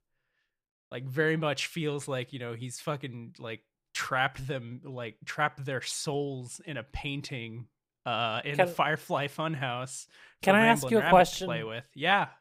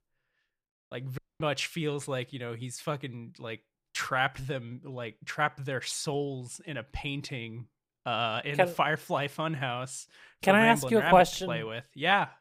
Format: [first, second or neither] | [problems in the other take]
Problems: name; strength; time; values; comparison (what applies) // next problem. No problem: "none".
first | audio cutting out; at 1 s